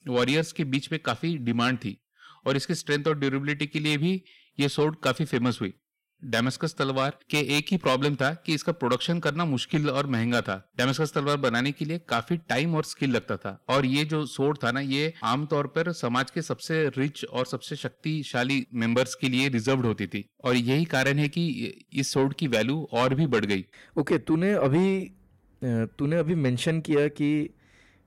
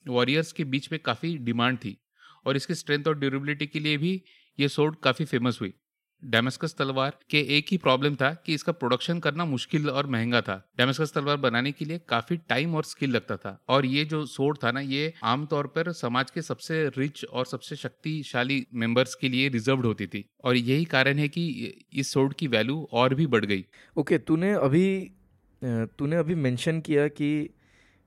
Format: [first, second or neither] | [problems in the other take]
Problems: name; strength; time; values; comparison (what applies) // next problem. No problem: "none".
second | distortion; slight; 10 dB below the speech